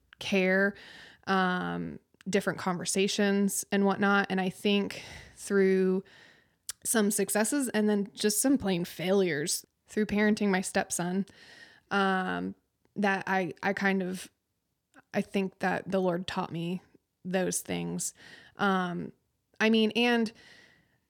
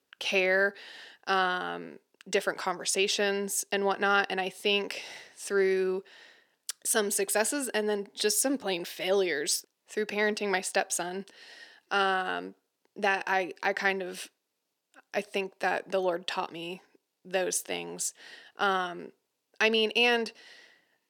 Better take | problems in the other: first | thin; somewhat; fading below 450 Hz

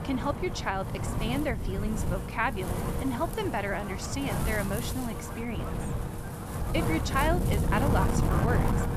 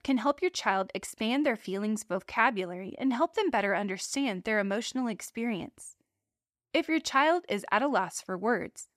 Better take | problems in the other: second | wind noise on the microphone; heavy; 4 dB below the speech

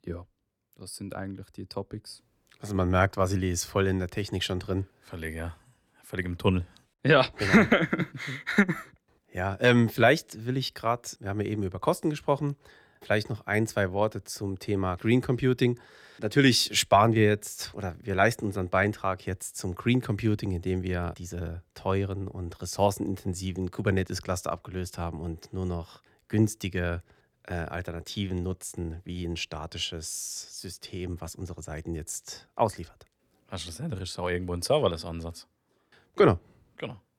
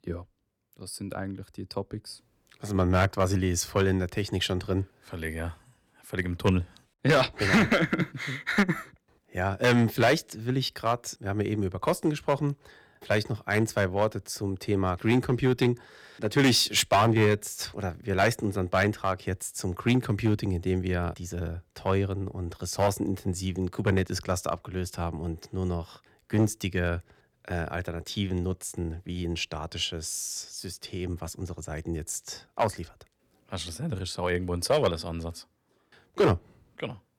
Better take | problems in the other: first | distortion; slight; 2% of the sound clipped

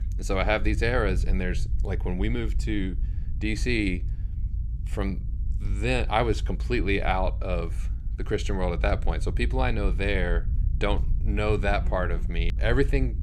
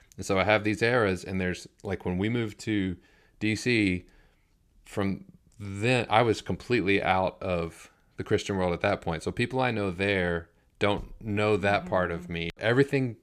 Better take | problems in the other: second | low rumble; noticeable; throughout; 20 dB below the speech

